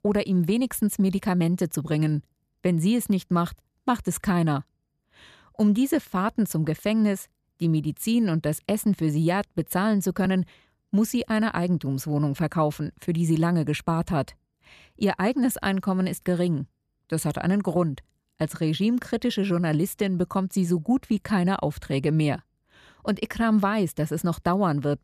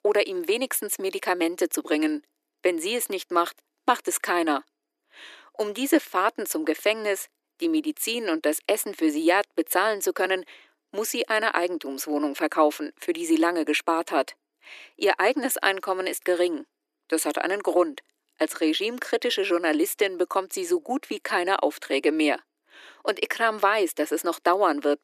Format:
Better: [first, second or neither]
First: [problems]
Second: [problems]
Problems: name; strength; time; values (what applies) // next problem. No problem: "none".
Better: first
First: none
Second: thin; very; fading below 300 Hz